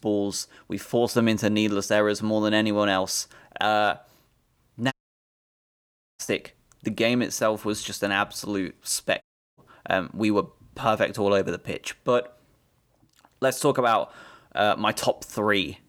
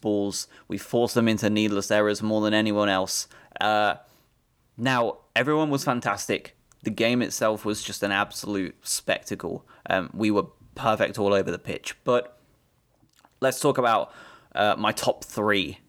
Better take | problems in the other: second | audio cutting out; at 5 s for 1.5 s and at 9 s

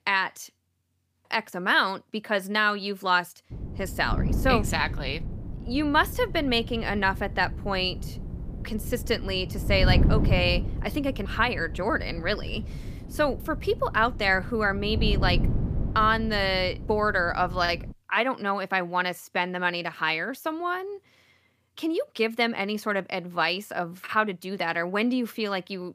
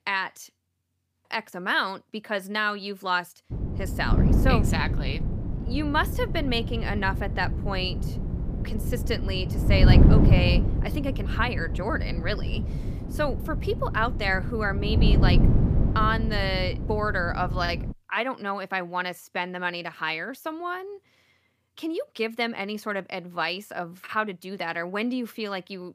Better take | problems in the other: first | wind noise on the microphone; heavy; from 3.5 to 18 s; 8 dB below the speech; occasional gusts in the first

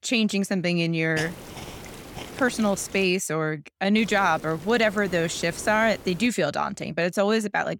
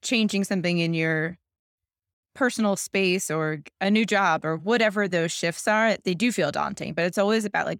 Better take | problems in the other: second | hiss; noticeable; from 1 to 3 s and from 4 to 6.5 s; 15 dB below the speech

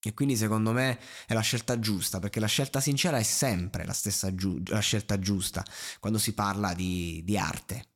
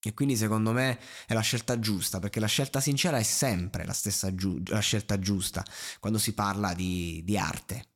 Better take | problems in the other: neither | none

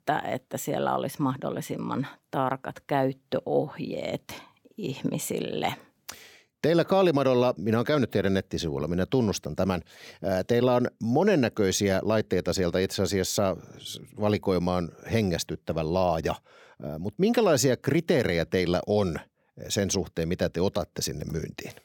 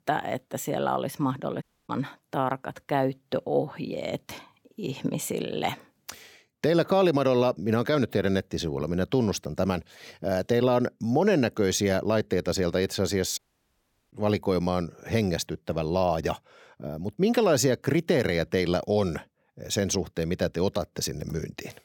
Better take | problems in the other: first | audio cutting out; at 1.5 s and at 13 s for 0.5 s

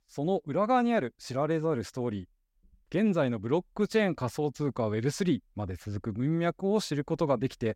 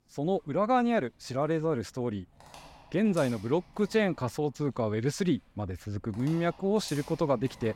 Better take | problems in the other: first | animal sounds; faint; throughout; 20 dB below the speech

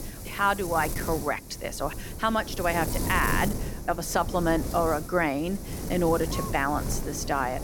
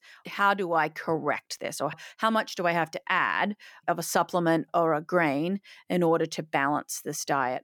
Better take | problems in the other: second | wind noise on the microphone; occasional gusts; 10 dB below the speech

